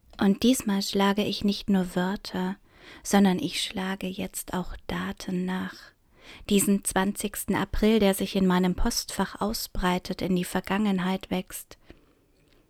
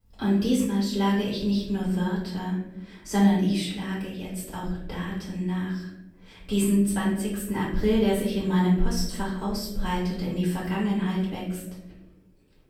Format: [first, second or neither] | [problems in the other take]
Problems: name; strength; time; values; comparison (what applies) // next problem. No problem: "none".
first | off-mic speech; far // room echo; noticeable; dies away in 1 s